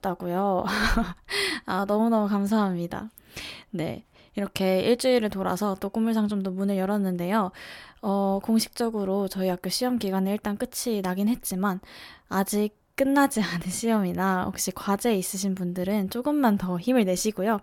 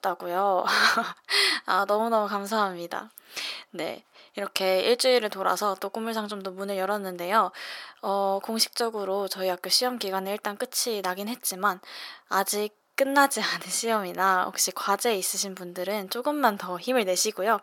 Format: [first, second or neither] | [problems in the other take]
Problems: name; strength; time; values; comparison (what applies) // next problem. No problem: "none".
first | thin; somewhat; fading below 450 Hz